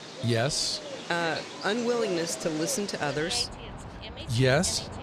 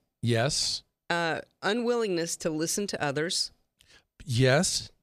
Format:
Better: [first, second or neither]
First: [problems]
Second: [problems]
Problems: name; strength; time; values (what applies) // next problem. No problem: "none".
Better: second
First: animal sounds; loud; throughout; 10 dB below the speech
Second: none